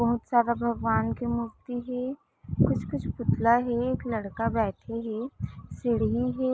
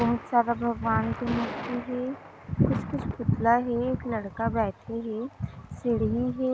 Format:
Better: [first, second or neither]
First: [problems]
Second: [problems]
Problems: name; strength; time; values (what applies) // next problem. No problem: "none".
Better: first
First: none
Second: background sound (Thunder); 14 dB below the speech